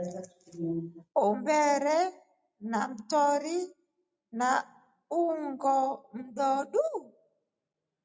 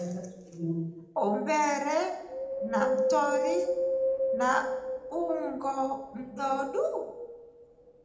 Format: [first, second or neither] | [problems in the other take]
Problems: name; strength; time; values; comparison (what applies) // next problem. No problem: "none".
first | background sound (Wind); 2 dB below the speech // room echo; dies away in 0.8 s